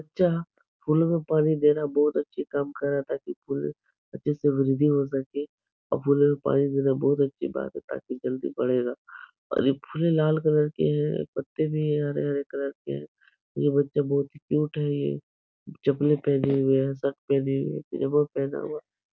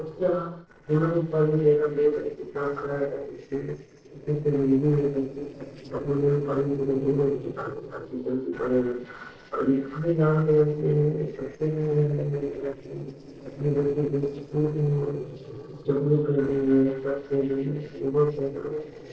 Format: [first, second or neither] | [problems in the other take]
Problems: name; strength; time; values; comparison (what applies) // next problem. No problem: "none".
first | noise reduction (neural separator model SepFormer DNS4)